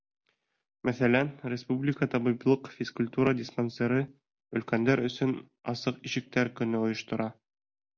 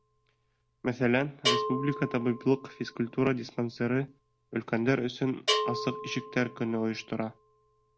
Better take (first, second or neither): first